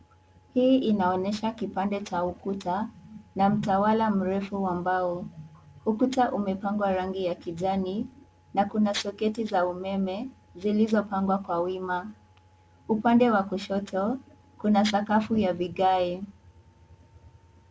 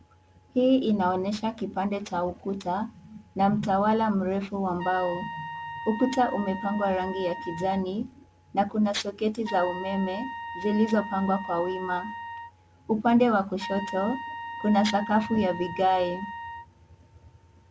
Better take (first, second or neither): first